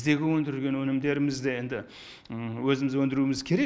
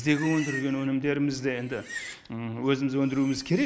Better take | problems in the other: first | background sound (Livestock, farm animals, working animals); 15 dB below the speech

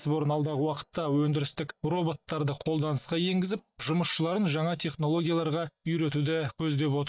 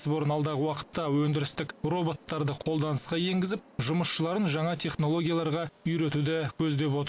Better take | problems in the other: second | noise reduction (neural mask model DeepFilterNet 3)

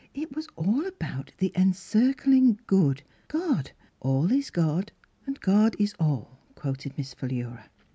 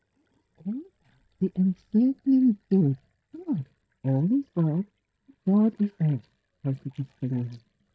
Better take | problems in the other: first | noise reduction (neural mask model DeepFilterNet 3)

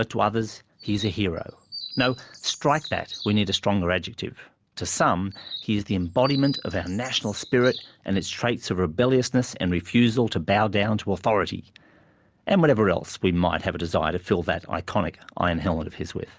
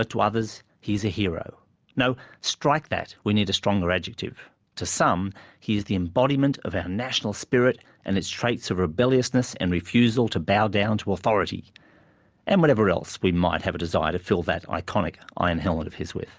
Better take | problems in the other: second | background sound (Chirp, tweet); 15 dB below the speech

